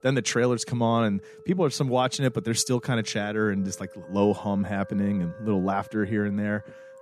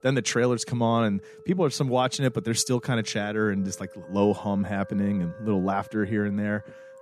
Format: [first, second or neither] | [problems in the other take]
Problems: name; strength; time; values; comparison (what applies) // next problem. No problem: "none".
neither | background music; faint; throughout; 20 dB below the speech; the same in both